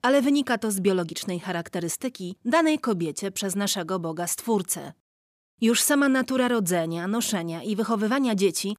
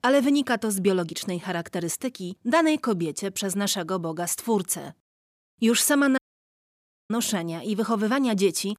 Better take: first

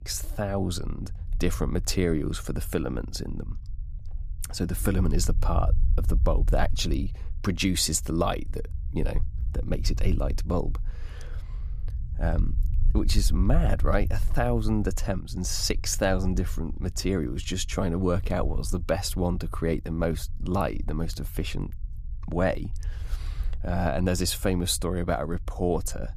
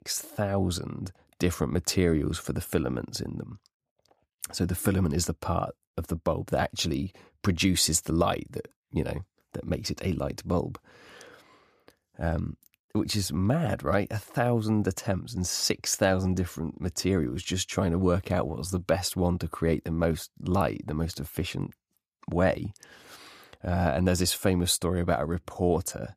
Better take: second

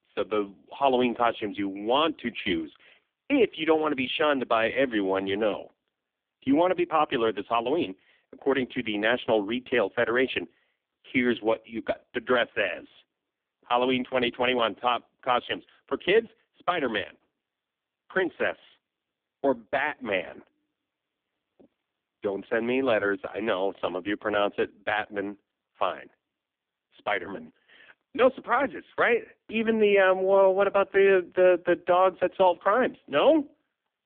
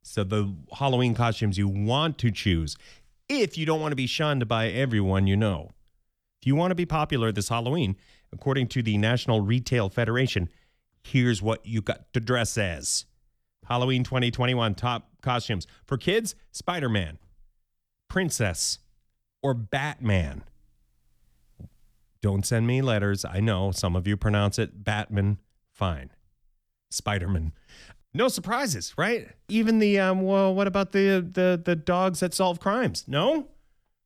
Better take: second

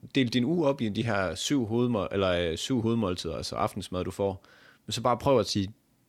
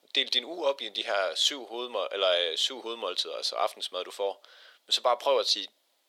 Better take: first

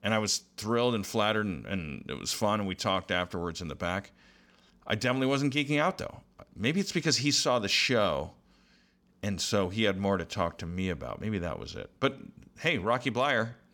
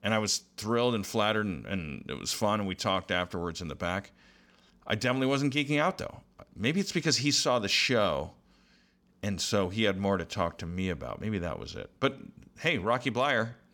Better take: neither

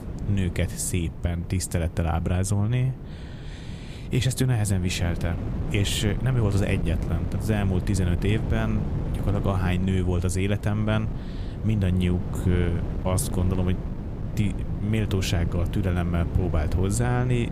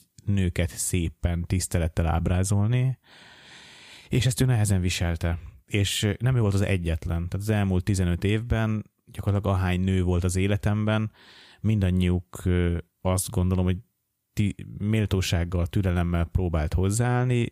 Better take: second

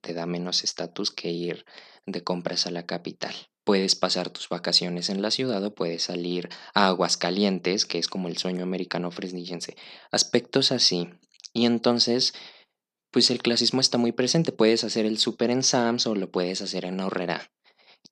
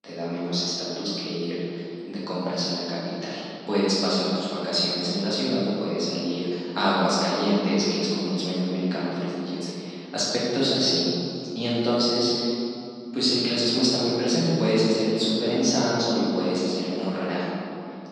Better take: first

